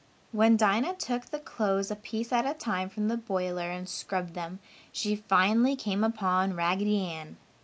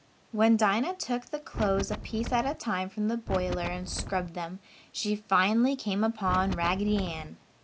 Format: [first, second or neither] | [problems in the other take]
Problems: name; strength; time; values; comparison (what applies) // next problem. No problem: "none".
first | background sound (Wind); 7 dB below the speech